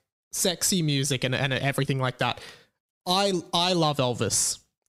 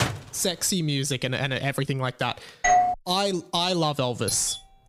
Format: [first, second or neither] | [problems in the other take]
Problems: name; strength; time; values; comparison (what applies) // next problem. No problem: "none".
first | door banging; noticeable; at the start; peak 3 dB below the speech // doorbell; loud; at 2.5 s; peak 5 dB above the speech // doorbell; noticeable; at 4.5 s; peak 6 dB below the speech